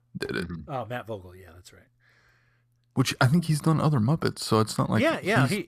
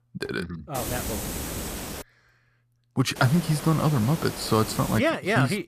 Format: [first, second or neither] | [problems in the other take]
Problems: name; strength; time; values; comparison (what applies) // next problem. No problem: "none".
first | hiss; loud; from 1 to 2 s and from 3 to 5 s; 9 dB below the speech